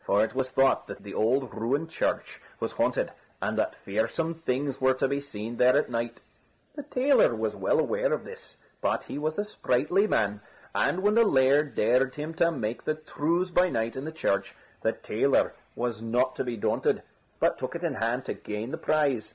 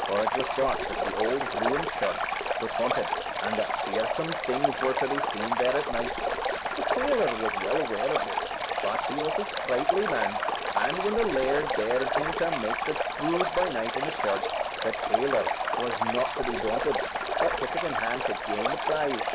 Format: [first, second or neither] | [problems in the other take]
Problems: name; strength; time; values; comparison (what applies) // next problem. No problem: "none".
first | background sound (Stream); 1 dB above the speech